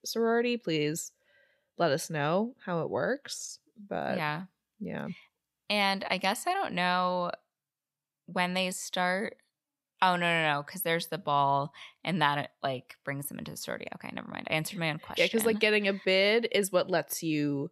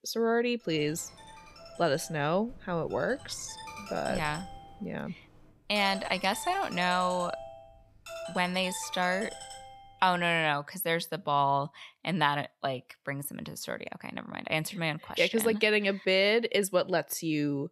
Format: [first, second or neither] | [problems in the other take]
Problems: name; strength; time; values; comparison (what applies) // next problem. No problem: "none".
first | phone ringing; noticeable; from 0.5 to 10 s; peak 10 dB below the speech